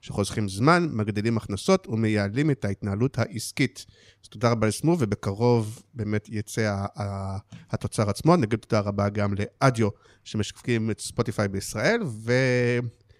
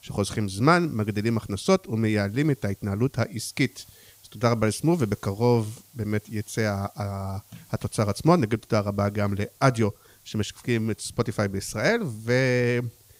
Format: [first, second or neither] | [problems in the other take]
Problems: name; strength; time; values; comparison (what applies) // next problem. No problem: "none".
first | hiss; faint; throughout; 25 dB below the speech